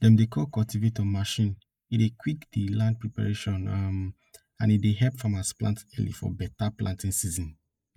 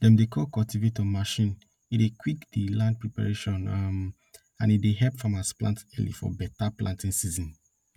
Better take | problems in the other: second | noise reduction (neural mask model Resemble Enhance denoiser)

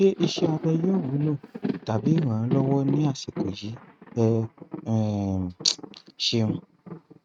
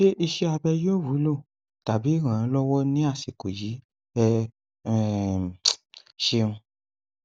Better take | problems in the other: second | noise reduction (neural mask model RNNoise)

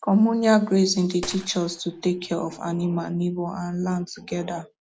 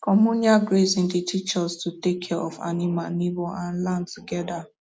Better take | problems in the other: second | background sound (Gunshot, gunfire); 20 dB below the speech

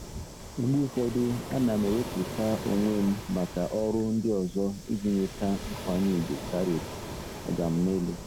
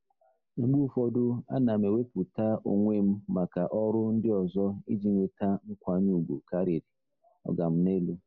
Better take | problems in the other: second | background sound (Waves, surf); 10 dB below the speech

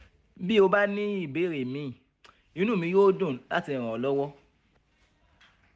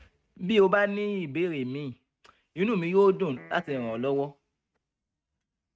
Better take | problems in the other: first | noise reduction (neural mask model RNNoise)

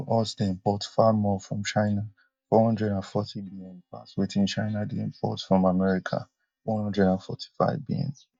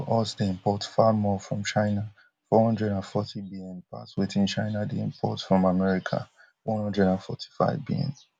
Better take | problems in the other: second | noise reduction (neural mask model DeepFilterNet 3)

